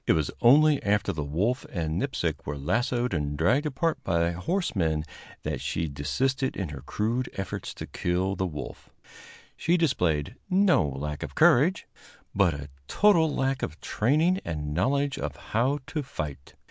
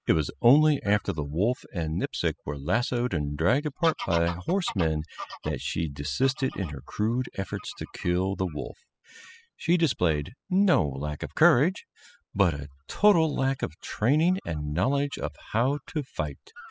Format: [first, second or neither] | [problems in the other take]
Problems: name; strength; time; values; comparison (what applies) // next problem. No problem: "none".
first | noise reduction (classical method spectral subtraction)